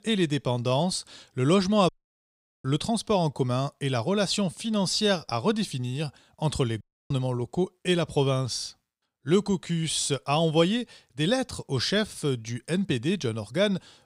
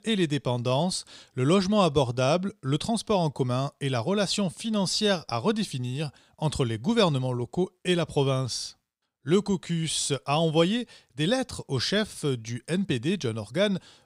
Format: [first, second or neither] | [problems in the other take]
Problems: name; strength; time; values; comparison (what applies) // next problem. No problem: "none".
second | audio cutting out; at 2 s for 1 s and at 7 s